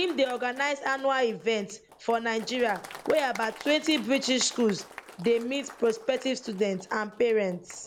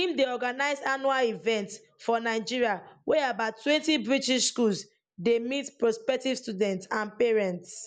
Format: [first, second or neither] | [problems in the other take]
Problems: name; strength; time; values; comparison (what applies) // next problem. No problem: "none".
second | background sound (Applause); 18 dB below the speech